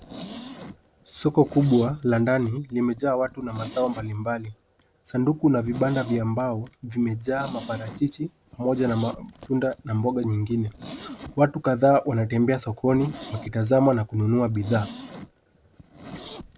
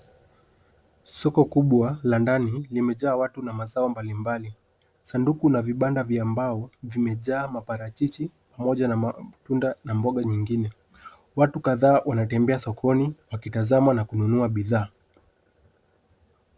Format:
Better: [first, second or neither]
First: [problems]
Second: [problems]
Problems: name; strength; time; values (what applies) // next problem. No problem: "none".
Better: second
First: background sound (Zipper (clothing)); 18 dB below the speech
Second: none